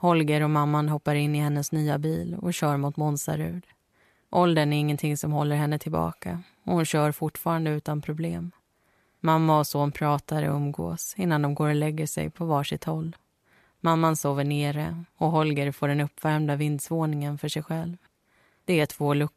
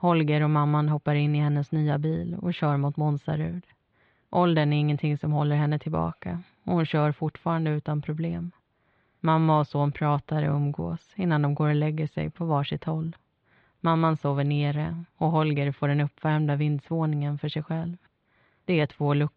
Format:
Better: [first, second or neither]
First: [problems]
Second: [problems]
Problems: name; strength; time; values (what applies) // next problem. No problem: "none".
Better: first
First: none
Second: muffled; very; fading above 3.5 kHz